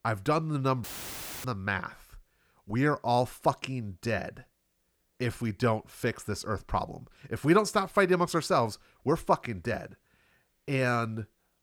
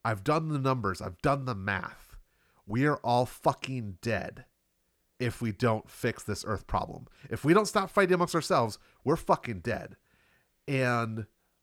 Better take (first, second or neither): second